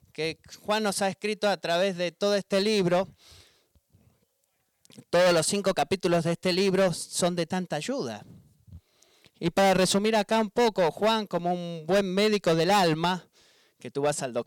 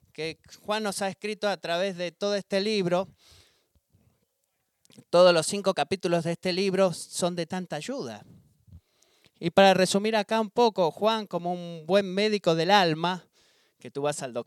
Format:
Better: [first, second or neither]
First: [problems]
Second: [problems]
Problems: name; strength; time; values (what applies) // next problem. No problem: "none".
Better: second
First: distortion; heavy; 7% of the sound clipped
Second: none